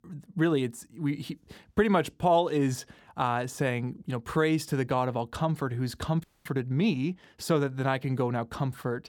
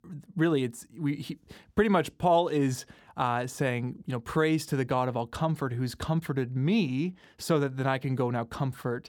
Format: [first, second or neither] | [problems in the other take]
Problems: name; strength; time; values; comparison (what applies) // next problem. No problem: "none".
second | audio freezing; at 6 s